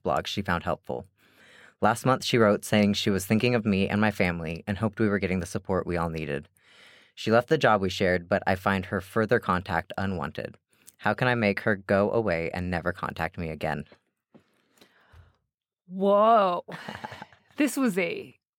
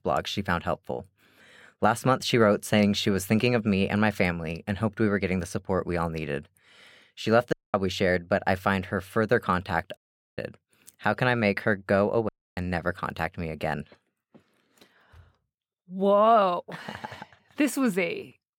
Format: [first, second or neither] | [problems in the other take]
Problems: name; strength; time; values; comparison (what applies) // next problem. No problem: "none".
first | audio cutting out; at 7.5 s, at 10 s and at 12 s